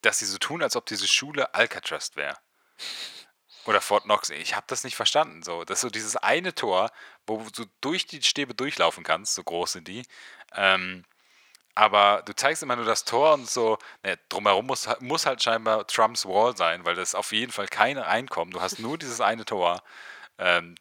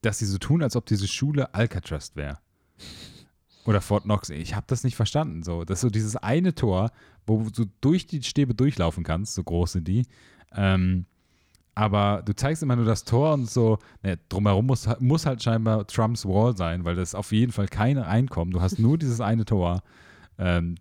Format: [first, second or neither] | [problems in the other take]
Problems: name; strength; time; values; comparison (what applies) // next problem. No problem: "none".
second | thin; very; fading below 700 Hz